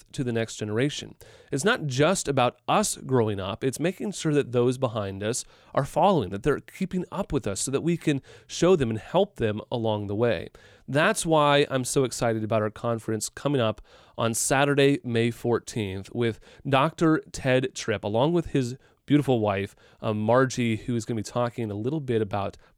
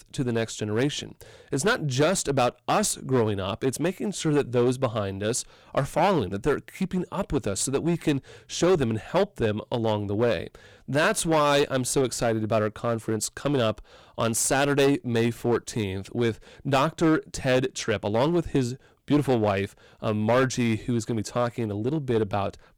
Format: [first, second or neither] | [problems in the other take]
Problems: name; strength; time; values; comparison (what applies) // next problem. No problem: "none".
first | distortion; slight; 6% of the sound clipped